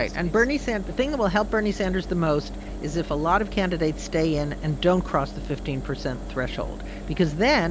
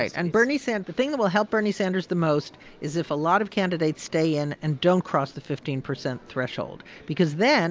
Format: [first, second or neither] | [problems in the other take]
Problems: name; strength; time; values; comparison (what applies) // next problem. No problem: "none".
second | background sound (Engine); 9 dB below the speech